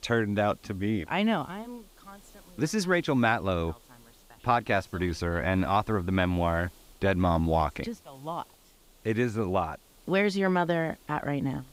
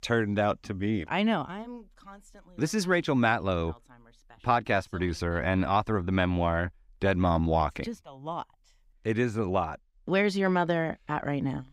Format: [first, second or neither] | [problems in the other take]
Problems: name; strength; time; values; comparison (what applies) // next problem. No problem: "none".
second | hiss; faint; throughout; 30 dB below the speech